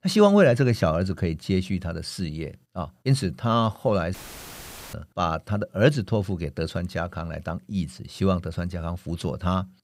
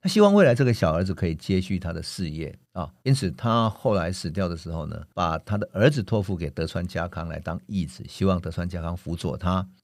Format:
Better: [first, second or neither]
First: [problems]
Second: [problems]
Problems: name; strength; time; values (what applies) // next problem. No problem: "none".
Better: second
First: audio cutting out; filled with static; at 4 s for 1 s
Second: none